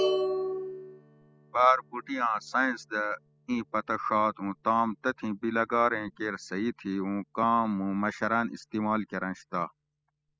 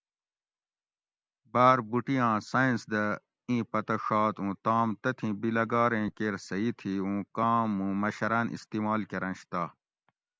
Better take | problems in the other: second | noise reduction (classical method spectral subtraction)

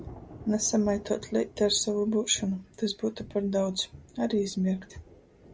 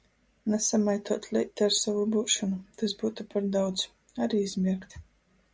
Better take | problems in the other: second | background sound (Thunder / Rain); 19 dB below the speech

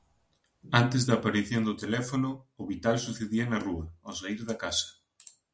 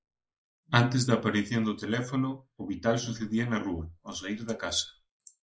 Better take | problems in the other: first | noise reduction (neural mask model Resemble Enhance denoiser)

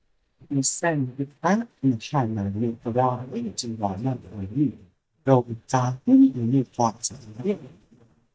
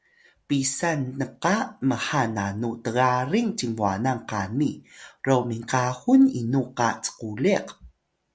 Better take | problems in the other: second | noise reduction (neural mask model DeepFilterNet 3)

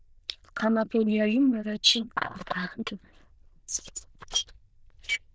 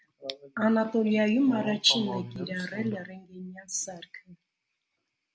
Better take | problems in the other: second | noise reduction (neural diffusion model UNIVERSE++)

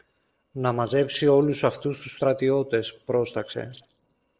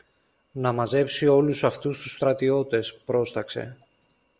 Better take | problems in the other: second | noise reduction (neural separator model SepFormer DNS4)

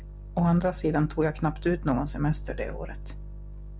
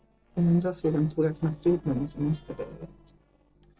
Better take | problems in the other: first | noise reduction (neural separator model SepFormer DNS4)

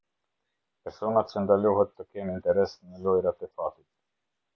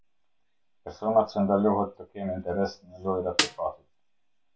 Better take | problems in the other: first | background sound (Snare drum); as loud as the speech // room echo; dies away in 0.2 s

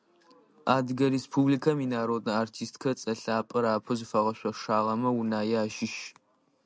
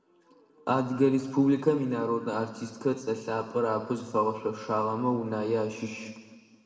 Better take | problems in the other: first | room echo; dies away in 1.7 s

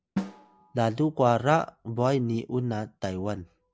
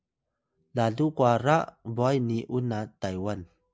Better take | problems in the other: second | background sound (Drum); 15 dB below the speech

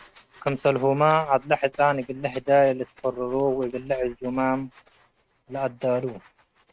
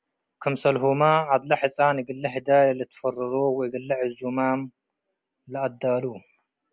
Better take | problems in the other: second | noise reduction (neural mask model RNNoise)

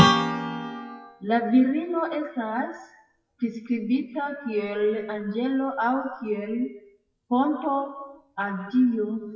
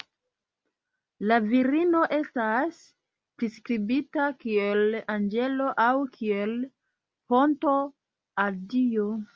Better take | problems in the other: second | noise reduction (classical method WPE with log-MMSE)

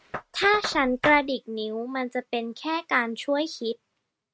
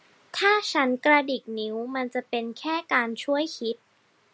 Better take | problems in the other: second | noise reduction (neural mask model RNNoise)

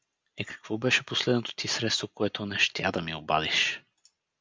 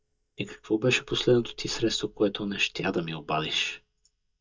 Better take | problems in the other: first | noise reduction (neural mask model DeepFilterNet 3)

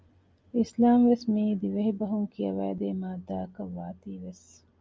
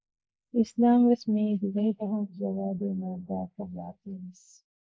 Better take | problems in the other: first | noise reduction (neural mask model Resemble Enhance denoiser)

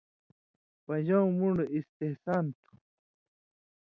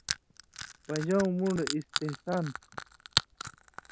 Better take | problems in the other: first | background sound (Crushing); 4 dB below the speech

